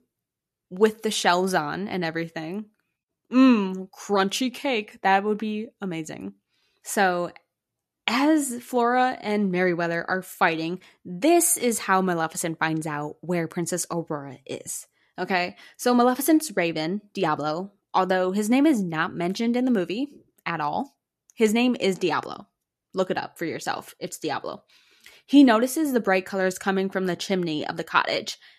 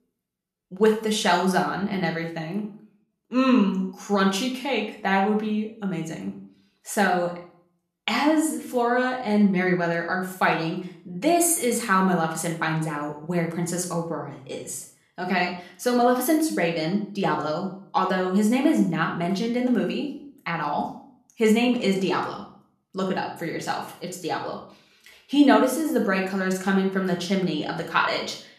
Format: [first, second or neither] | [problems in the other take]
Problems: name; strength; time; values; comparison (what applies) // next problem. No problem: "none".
first | room echo; slight; dies away in 0.5 s // off-mic speech; somewhat distant